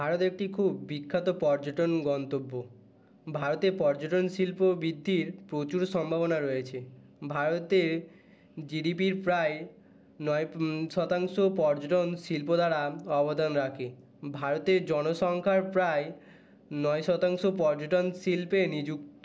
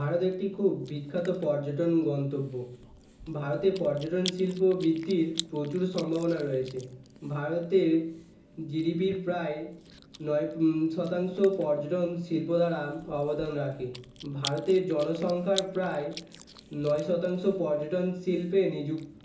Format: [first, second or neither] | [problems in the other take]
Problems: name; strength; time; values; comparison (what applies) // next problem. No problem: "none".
first | background sound (Chewing, mastication); 18 dB below the speech // room echo; dies away in 0.7 s